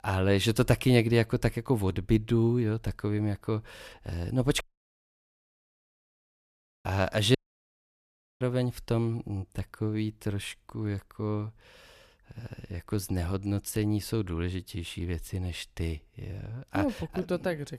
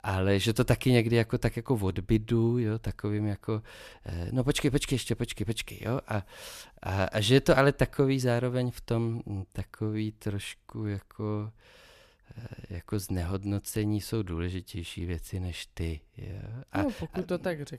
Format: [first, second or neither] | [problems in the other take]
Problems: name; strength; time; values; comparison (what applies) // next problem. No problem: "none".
second | audio cutting out; at 4.5 s for 2 s and at 7.5 s for 1 s